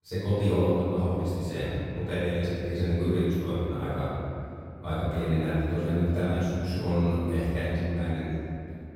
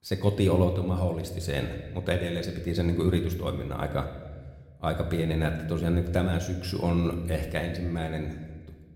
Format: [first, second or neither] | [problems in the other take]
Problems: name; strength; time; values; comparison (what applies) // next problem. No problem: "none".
second | room echo; strong; dies away in 2.7 s; slight in the second // off-mic speech; far